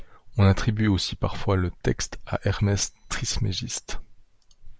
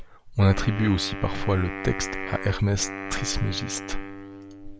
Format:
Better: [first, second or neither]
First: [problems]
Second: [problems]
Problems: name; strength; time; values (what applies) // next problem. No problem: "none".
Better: first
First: none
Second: background sound (Wind instrument, woodwind instrument); 10 dB below the speech